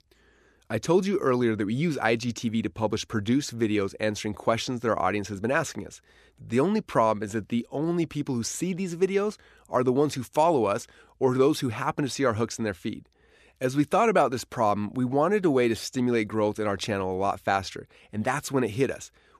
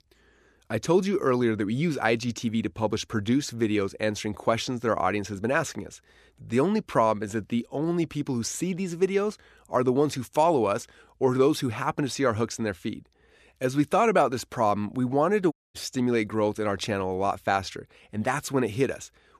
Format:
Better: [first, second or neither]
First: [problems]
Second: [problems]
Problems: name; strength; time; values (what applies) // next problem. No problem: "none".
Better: first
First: none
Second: audio cutting out; at 16 s